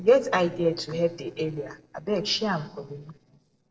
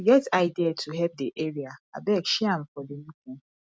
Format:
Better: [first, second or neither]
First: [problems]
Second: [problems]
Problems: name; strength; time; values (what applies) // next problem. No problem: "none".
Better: second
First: noise reduction (neural separator model SepFormer DNS4)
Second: none